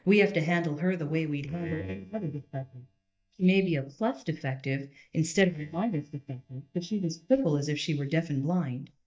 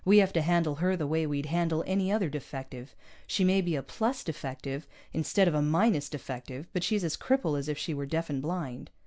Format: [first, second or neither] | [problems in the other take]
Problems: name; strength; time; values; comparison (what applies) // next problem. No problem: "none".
second | noise reduction (neural mask model DeepFilterNet 3)